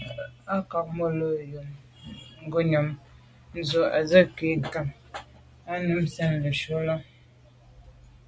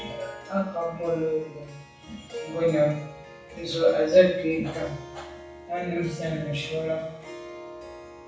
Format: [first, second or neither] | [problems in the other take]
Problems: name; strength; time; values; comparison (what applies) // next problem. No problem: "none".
first | background sound (Harp); 15 dB below the speech // room echo; dies away in 0.6 s